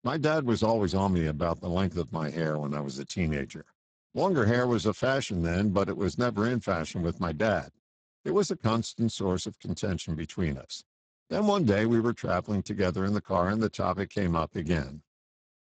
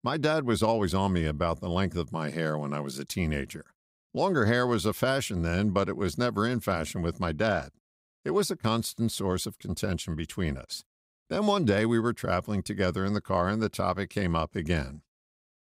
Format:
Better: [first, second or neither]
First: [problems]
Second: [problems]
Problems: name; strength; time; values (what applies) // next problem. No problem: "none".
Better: second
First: garbled, watery; badly; nothing above 8 kHz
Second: none